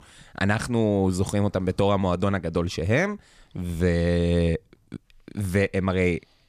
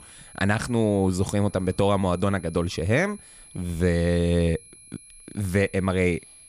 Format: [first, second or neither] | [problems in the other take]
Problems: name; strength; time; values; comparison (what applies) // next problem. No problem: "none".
first | high-pitched whine; faint; throughout; 10.5 kHz, 20 dB below the speech